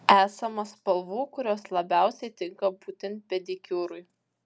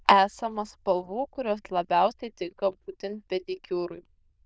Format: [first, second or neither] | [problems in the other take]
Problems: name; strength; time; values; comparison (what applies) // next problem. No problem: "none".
first | noise reduction (neural diffusion model UNIVERSE++)